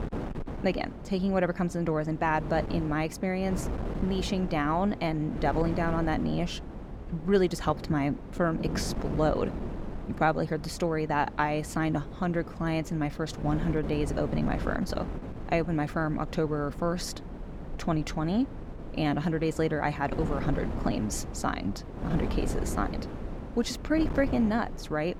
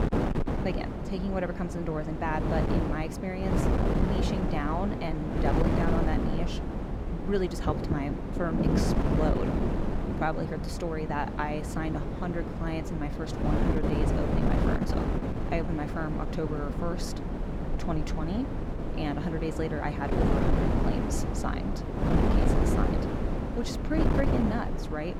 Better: first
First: wind noise on the microphone; occasional gusts; 10 dB below the speech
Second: wind noise on the microphone; heavy; as loud as the speech

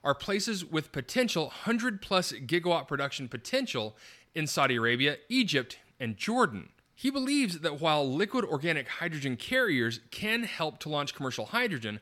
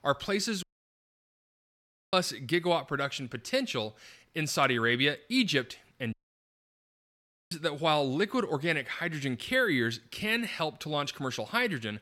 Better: first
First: none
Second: audio cutting out; at 0.5 s for 1.5 s and at 6 s for 1.5 s

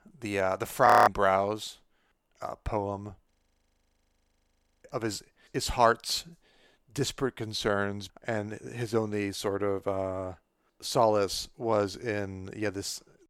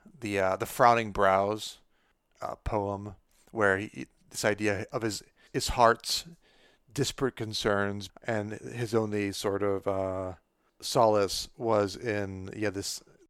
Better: second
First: audio freezing; at 1 s and at 3.5 s for 1.5 s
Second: none

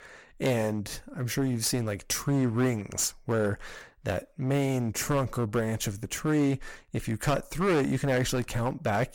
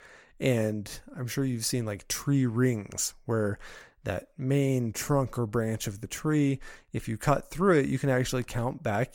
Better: second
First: distortion; heavy; 10% of the sound clipped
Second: none

